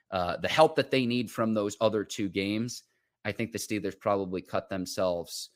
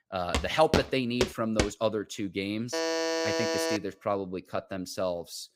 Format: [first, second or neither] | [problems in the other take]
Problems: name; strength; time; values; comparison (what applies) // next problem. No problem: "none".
first | footsteps; loud; until 1.5 s; peak 2 dB above the speech // alarm; loud; from 2.5 to 4 s; peak 3 dB above the speech